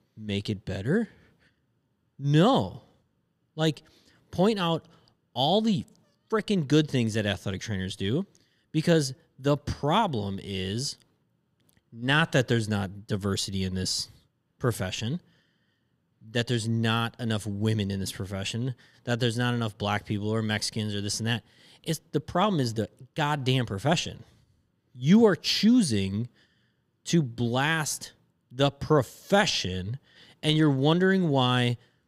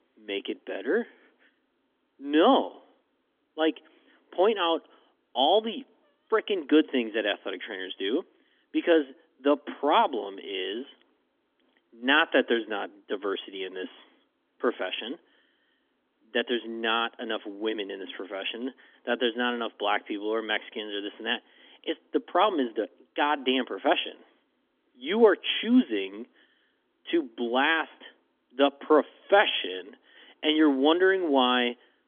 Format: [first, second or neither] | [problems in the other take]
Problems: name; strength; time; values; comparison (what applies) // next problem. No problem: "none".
first | phone-call audio; nothing above 3.5 kHz